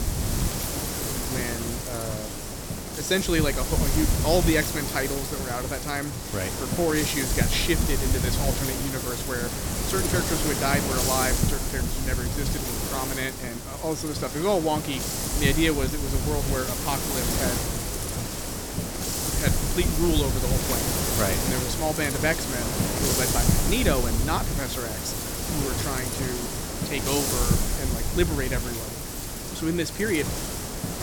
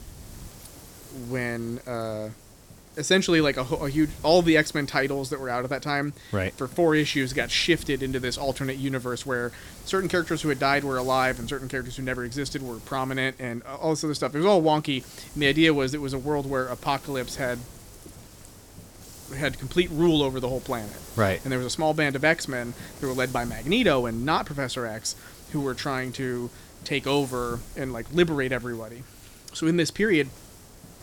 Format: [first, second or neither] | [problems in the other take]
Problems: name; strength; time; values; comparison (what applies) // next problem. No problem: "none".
second | wind noise on the microphone; heavy; 1 dB below the speech; occasional gusts in the second